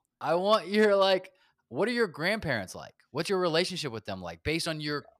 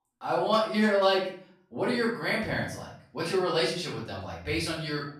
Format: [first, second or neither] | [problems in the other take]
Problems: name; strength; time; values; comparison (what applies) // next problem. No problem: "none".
first | off-mic speech; far // room echo; noticeable; dies away in 0.5 s